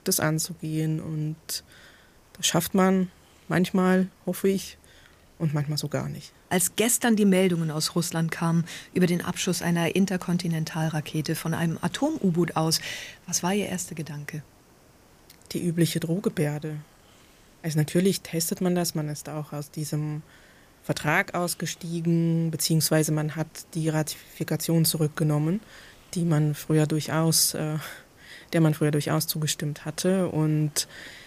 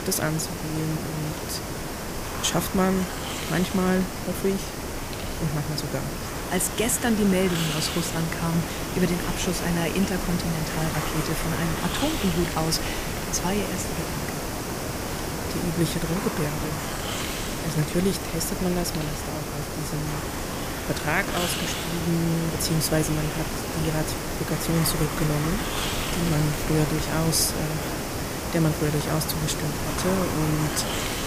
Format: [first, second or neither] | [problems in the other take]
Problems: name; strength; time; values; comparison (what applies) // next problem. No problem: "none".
first | hiss; loud; throughout; 2 dB below the speech; faint in the first